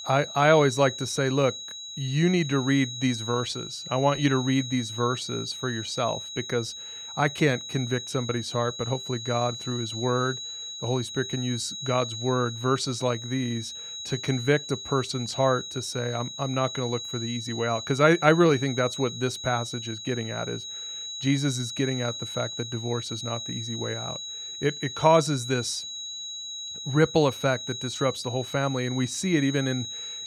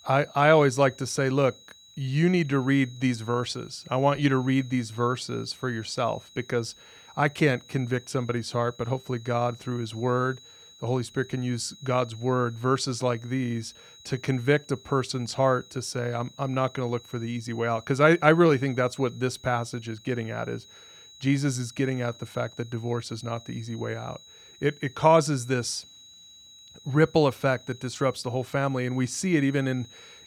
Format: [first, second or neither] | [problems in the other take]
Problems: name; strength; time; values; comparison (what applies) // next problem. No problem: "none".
second | high-pitched whine; loud; throughout; 4 kHz, 8 dB below the speech; faint in the second